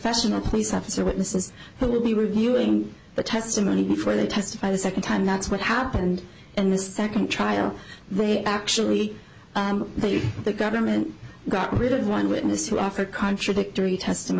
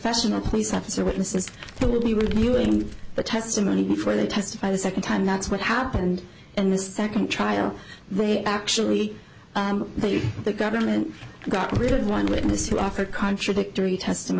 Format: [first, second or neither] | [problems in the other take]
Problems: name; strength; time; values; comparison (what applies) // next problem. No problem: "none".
first | background sound (Crumpling, crinkling); 8 dB below the speech